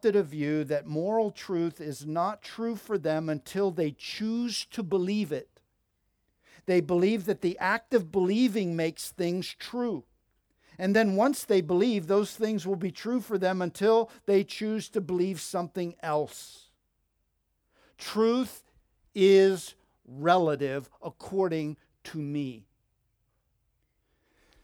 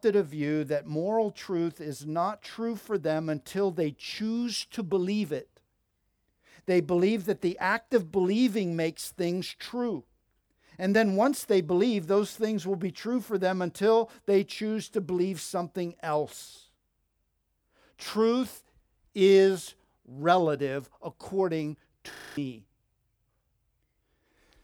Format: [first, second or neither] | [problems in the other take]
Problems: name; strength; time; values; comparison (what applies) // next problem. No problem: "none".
first | audio freezing; at 22 s